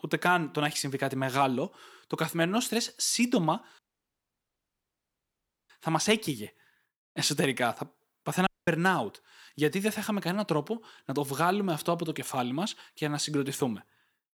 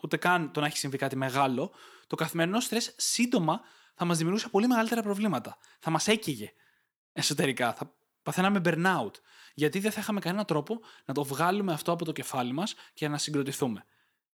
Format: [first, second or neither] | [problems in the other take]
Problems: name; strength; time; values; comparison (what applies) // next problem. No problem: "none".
second | audio cutting out; at 4 s for 2 s and at 8.5 s